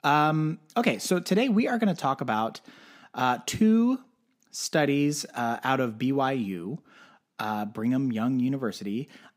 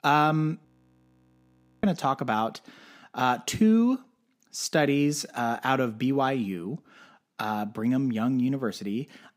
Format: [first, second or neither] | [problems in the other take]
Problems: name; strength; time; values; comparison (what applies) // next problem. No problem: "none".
first | audio freezing; at 0.5 s for 1 s